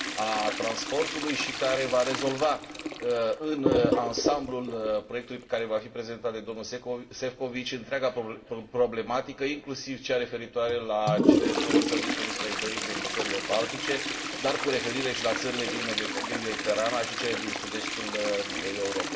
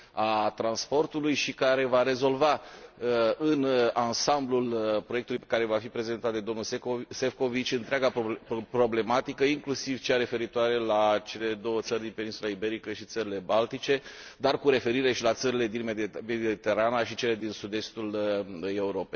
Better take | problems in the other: second | background sound (Toilet flush); 1 dB below the speech // room echo; dies away in 0.8 s

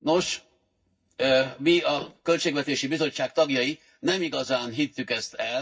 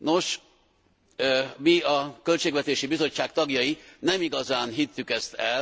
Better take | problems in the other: second | noise reduction (neural mask model DeepFilterNet 3)

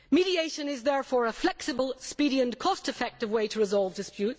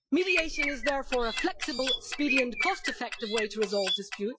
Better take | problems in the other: first | noise reduction (classical method Wiener filter)

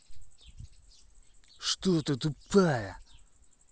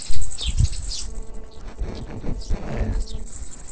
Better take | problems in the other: first | noise reduction (neural separator model SepFormer DNS4)

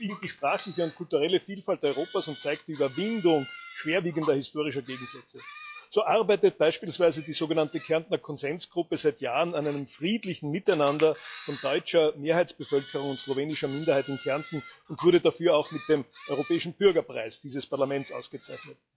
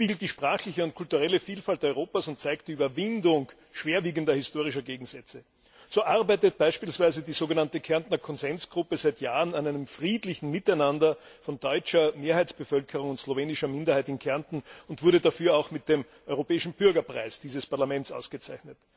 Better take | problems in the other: second | noise reduction (classical method log-MMSE)

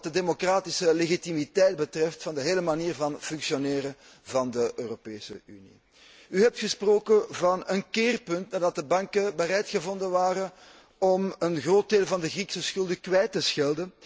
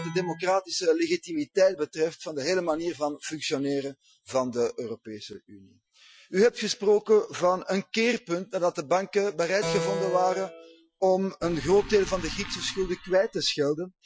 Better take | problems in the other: first | noise reduction (classical method Wiener filter)

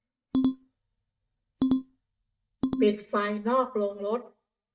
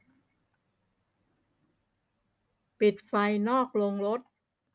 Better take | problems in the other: second | noise reduction (neural mask model DeepFilterNet 3)

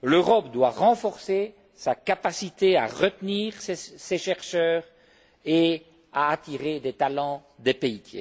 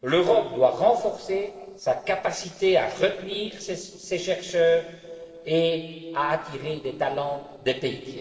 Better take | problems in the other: first | noise reduction (neural separator model SepFormer DNS4)

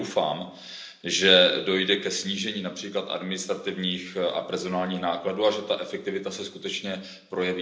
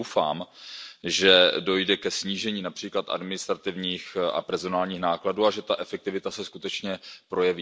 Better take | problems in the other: second | room echo; dies away in 0.8 s

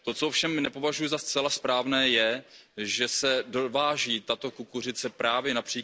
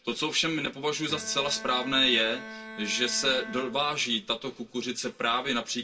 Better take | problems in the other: first | background sound (Bowed string instrument); 14 dB below the speech // room echo; dies away in 0.2 s

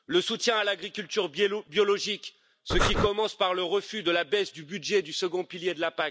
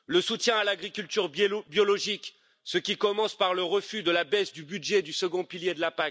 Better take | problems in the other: second | background sound (Breathing); 4 dB above the speech

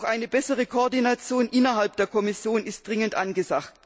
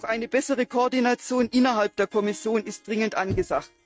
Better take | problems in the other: first | noise reduction (neural mask model RNNoise)

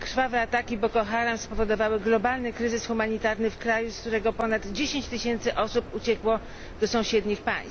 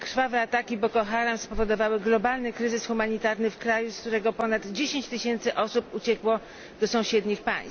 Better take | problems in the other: second | background sound (Car); 15 dB below the speech

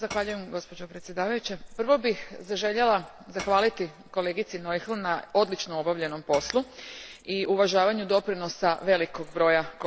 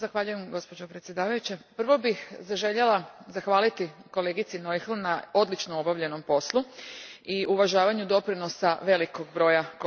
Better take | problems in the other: second | background sound (Insect + Shatter / Crushing); 19 dB below the speech

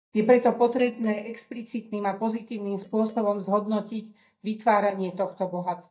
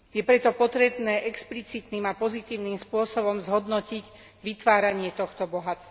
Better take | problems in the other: second | noise reduction (neural mask model DeepFilterNet 3)

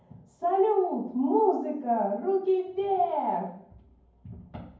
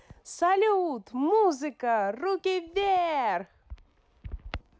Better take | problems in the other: second | room echo; dies away in 0.9 s

